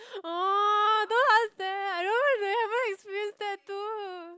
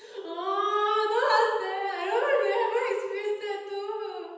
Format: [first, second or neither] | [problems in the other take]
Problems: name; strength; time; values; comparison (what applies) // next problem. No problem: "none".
first | room echo; dies away in 1.1 s